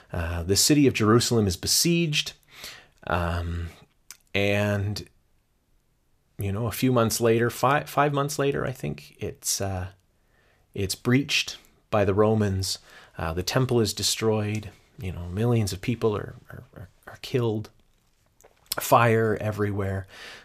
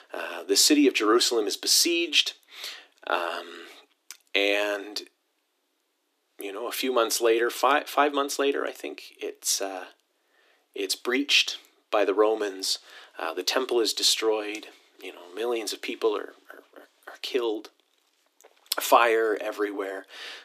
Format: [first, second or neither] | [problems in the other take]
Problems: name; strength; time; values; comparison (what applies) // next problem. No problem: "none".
first | thin; somewhat; fading below 300 Hz